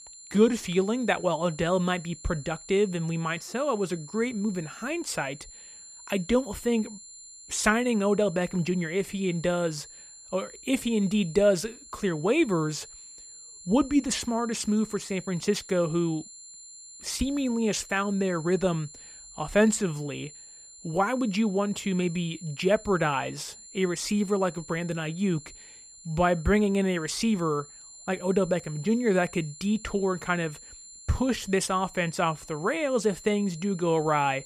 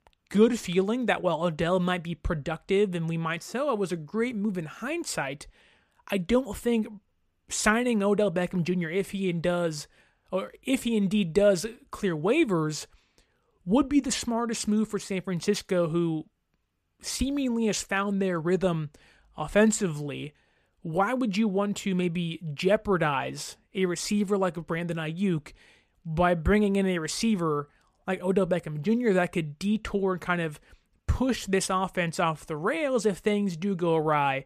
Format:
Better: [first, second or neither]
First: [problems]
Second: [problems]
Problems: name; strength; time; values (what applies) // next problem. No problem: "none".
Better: second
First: high-pitched whine; noticeable; throughout; 7 kHz, 15 dB below the speech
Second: none